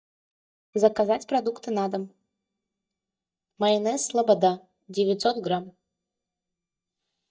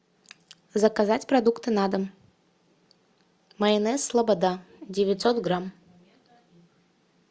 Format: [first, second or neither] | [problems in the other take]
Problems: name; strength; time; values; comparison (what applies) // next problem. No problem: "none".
second | noise reduction (neural mask model DeepFilterNet 3)